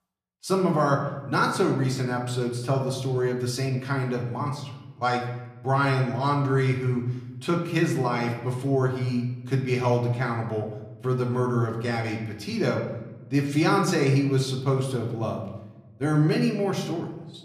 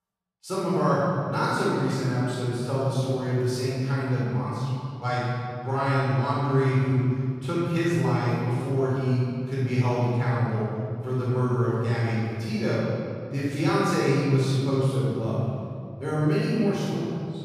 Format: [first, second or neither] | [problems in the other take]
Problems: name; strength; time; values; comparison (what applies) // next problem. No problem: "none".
first | room echo; strong; dies away in 2.7 s; slight in the first // off-mic speech; far; somewhat distant in the first